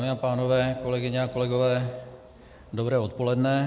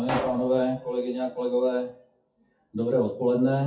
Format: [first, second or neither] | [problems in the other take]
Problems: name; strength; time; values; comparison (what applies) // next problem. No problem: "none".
first | noise reduction (classical method WPE with log-MMSE)